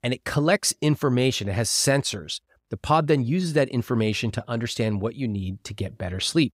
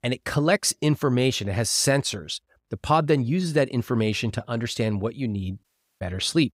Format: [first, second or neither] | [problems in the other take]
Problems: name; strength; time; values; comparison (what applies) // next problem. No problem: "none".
first | audio cutting out; at 5.5 s